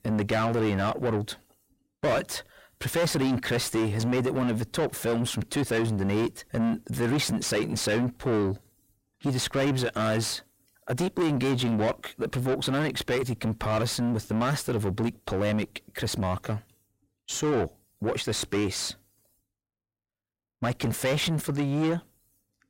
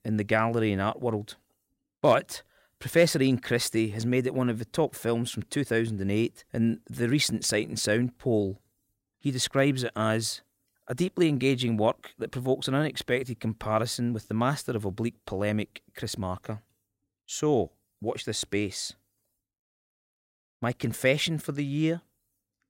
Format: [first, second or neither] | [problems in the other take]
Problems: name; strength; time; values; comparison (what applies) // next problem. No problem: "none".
second | distortion; heavy; 5 dB below the speech